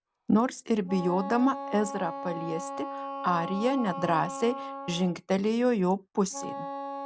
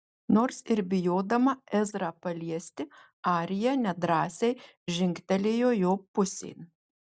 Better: second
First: background sound (Wind instrument, woodwind instrument); 9 dB below the speech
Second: none

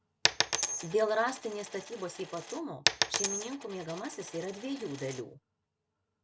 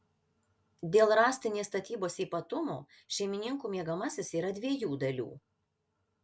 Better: second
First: background sound (Coin (dropping)); 1 dB above the speech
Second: none

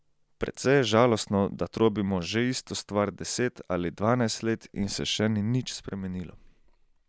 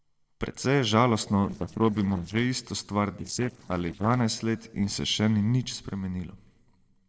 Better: first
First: none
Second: noise reduction (neural separator model SepFormer DNS4)

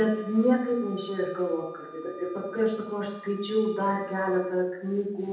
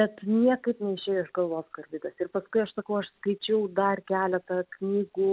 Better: second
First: background sound (Wind instrument, woodwind instrument); 19 dB below the speech // room echo; dies away in 0.8 s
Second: none

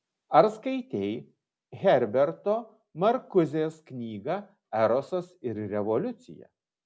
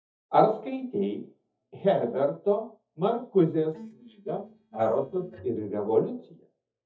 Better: first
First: none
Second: noise reduction (neural mask model DeepFilterNet 3)

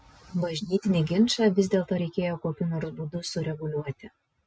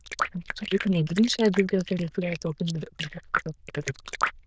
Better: first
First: none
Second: noise reduction (neural diffusion model UNIVERSE++)

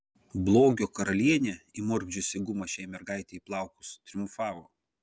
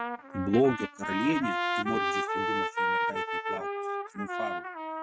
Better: first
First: none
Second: noise reduction (neural mask model RNNoise)

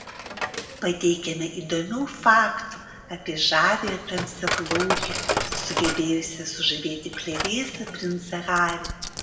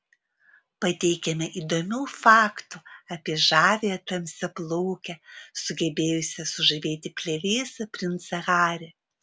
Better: second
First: background sound (Coin (dropping)); 6 dB below the speech // room echo; dies away in 1.3 s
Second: none

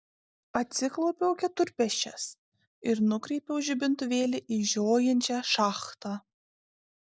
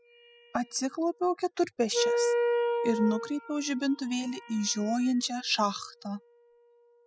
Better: first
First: none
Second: noise reduction (classical method spectral subtraction)

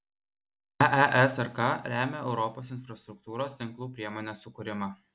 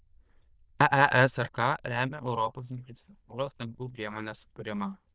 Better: first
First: none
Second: noise reduction (neural diffusion model UNIVERSE++)

